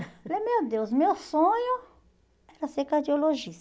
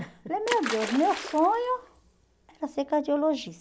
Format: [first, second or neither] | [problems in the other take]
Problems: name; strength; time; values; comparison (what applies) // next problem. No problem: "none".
first | background sound (Splash, splatter); 10 dB below the speech